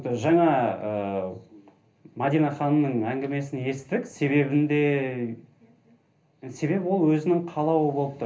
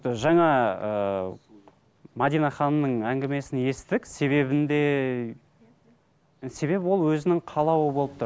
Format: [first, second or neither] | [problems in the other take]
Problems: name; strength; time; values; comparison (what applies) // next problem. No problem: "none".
second | room echo; dies away in 0.3 s